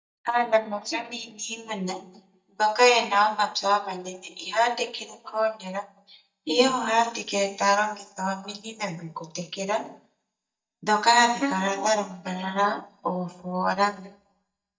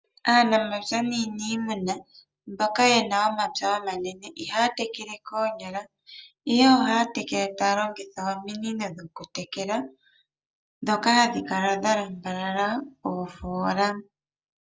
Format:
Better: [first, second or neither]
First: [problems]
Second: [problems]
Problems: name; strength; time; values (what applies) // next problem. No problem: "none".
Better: second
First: noise reduction (neural mask model DeepFilterNet 3)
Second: none